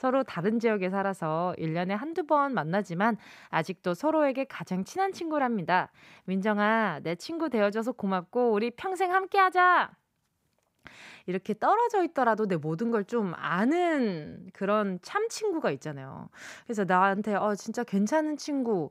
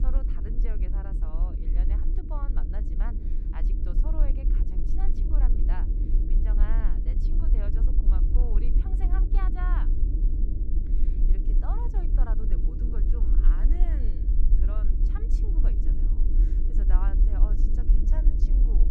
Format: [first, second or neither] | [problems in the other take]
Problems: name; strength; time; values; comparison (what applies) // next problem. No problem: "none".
first | low rumble; loud; throughout; 2 dB below the speech